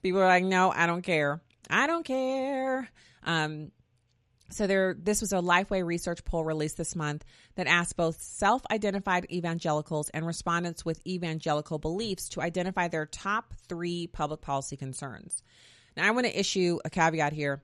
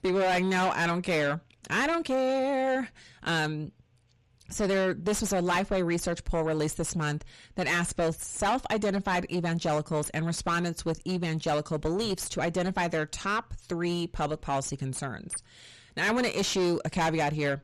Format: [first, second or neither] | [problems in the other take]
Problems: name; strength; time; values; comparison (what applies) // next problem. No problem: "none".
first | distortion; heavy; 6 dB below the speech